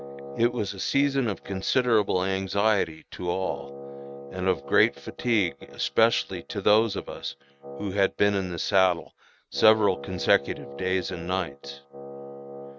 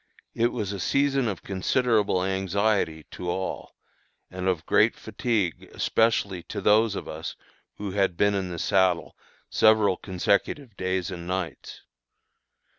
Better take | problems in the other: second | noise reduction (neural mask model RNNoise)

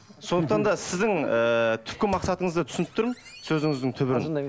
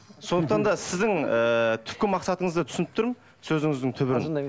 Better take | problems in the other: second | background sound (Squeak); 18 dB below the speech

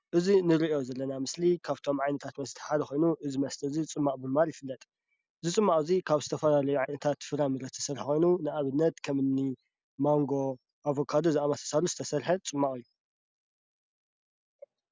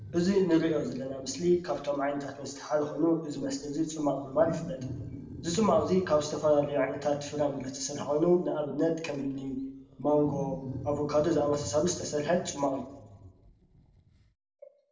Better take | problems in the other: first | background sound (Wild animals); 15 dB below the speech // room echo; dies away in 0.6 s

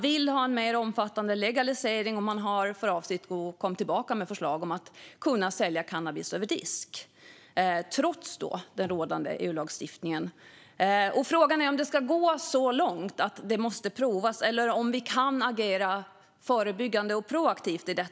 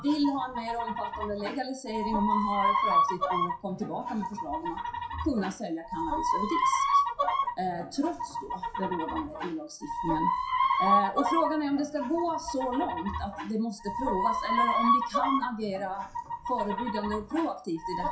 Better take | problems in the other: first | noise reduction (classical method WPE with log-MMSE)

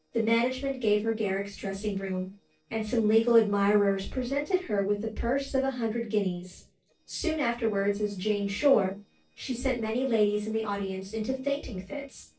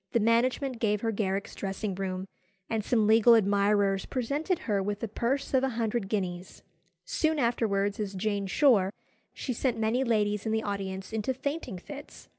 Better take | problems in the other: second | noise reduction (neural separator model SepFormer DNS4)

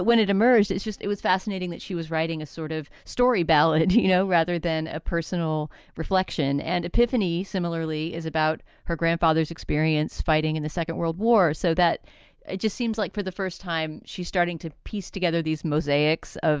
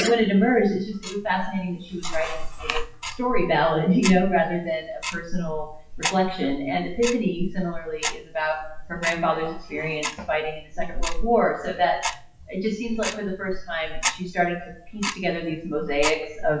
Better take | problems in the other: first | noise reduction (classical method WPE with log-MMSE)

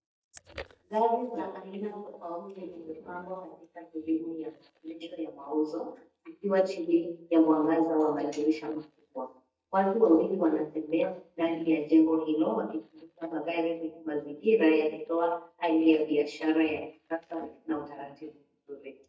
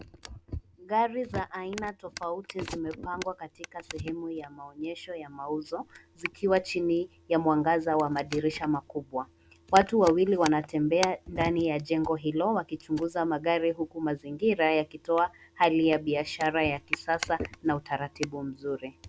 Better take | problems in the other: second | noise reduction (neural mask model DeepFilterNet 3)

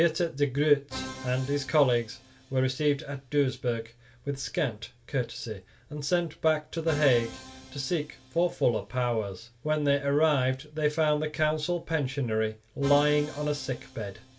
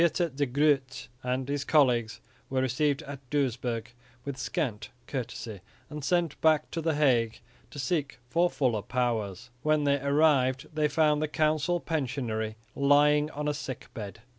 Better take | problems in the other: second | background sound (Musical instrument); 19 dB below the speech // room echo; dies away in 0.2 s

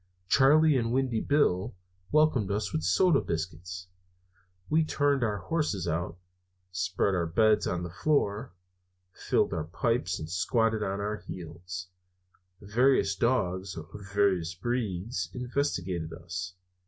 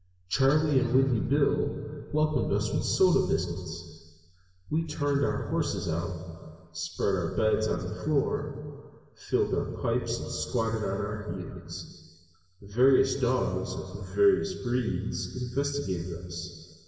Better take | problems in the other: first | room echo; dies away in 1.8 s

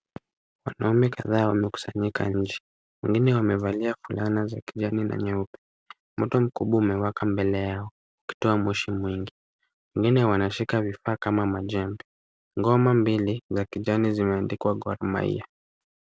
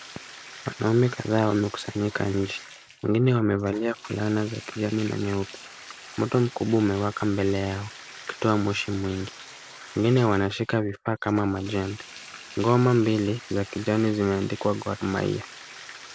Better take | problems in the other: first | background sound (Bathtub (filling or washing)); 18 dB below the speech

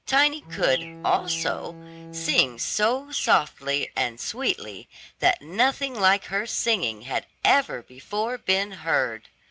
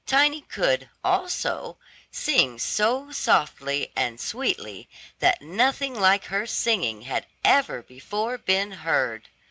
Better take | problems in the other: second | background sound (Bird + Bowed string instrument); 13 dB below the speech

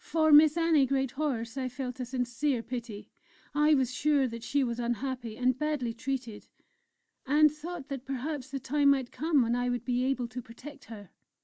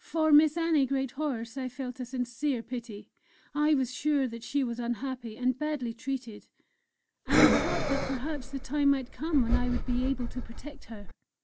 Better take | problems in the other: first | background sound (Breathing); as loud as the speech

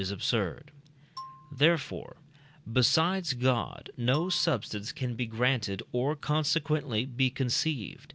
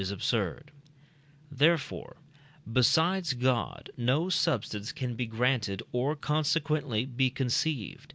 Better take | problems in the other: second | background sound (Marimba, xylophone); 20 dB below the speech

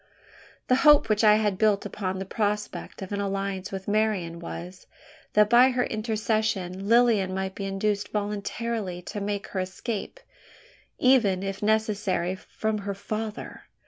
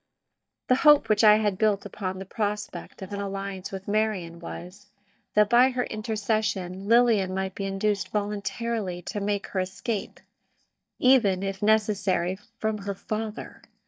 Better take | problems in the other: first | noise reduction (neural mask model DeepFilterNet 3)

